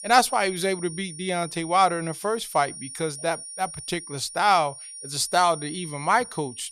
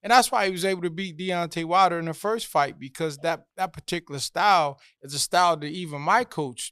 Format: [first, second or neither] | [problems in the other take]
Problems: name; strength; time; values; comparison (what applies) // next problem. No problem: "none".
second | high-pitched whine; noticeable; throughout; 9.5 kHz, 10 dB below the speech